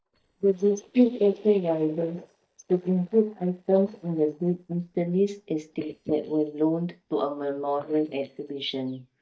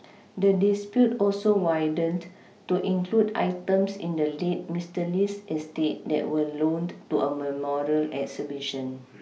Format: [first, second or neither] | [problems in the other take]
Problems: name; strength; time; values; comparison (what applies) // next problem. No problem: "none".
second | noise reduction (neural mask model DeepFilterNet 3)